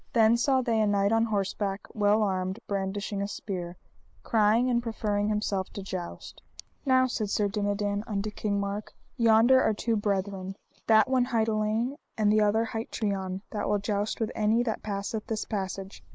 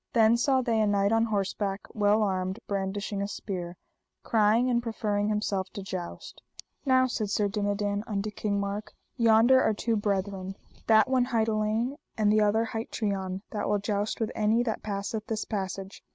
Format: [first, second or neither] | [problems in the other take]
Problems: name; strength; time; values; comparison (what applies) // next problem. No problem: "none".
second | noise reduction (neural mask model Resemble Enhance denoiser)